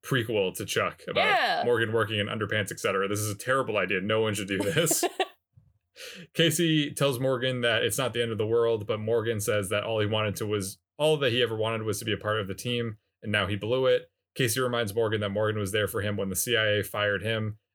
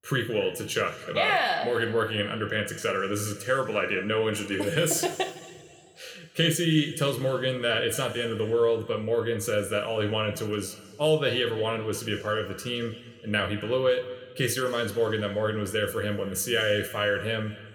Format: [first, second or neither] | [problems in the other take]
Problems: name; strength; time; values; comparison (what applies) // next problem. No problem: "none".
first | room echo; very slight; dies away in 1.6 s